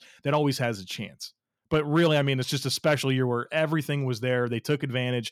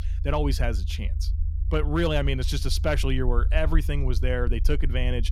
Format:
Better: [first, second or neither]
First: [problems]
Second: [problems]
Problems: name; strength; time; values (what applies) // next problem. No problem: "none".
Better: first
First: none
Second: low rumble; noticeable; throughout; 20 dB below the speech